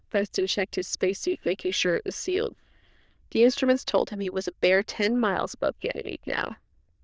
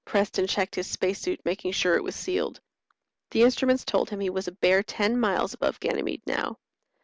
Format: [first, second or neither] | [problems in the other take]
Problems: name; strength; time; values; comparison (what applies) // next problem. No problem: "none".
second | noise reduction (neural diffusion model UNIVERSE++)